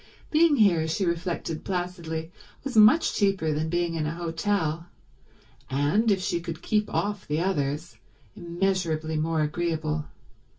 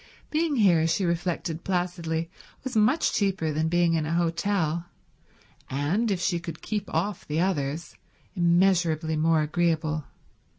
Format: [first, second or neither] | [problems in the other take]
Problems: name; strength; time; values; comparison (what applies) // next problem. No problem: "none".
second | room echo; dies away in 0.1 s